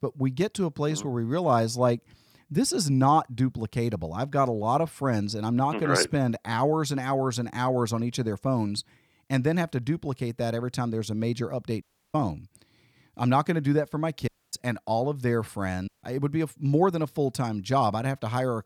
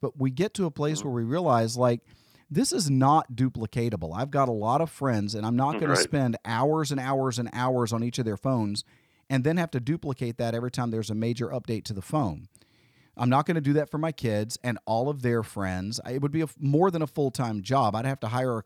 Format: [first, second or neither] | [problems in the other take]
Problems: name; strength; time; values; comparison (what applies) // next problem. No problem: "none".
second | audio cutting out; at 12 s, at 14 s and at 16 s